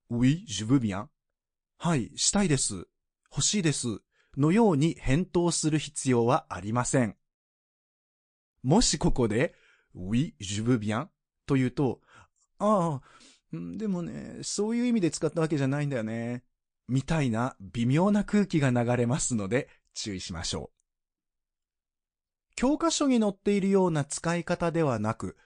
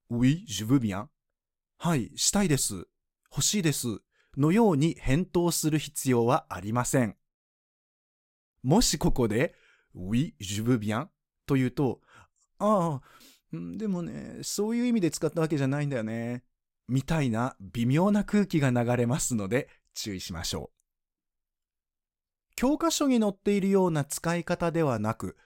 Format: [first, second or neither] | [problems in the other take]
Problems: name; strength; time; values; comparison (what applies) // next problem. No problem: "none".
second | garbled, watery; slightly; nothing above 9 kHz